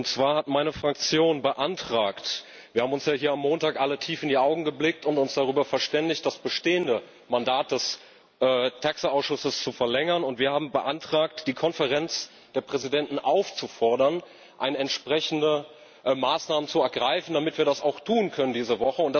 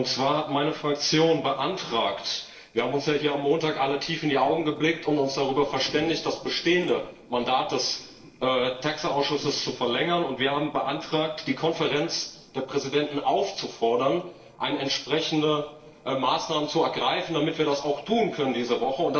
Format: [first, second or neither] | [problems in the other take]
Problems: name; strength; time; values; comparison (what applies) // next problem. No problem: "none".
first | noise reduction (neural separator model SepFormer DNS4)